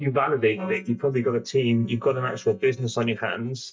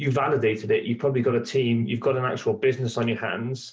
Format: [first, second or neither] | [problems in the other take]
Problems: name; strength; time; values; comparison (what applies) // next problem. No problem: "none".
second | noise reduction (neural mask model DeepFilterNet 3)